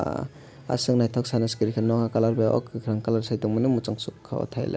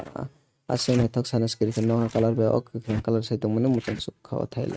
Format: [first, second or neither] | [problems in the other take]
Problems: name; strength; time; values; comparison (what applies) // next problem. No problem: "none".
first | noise reduction (neural mask model RNNoise)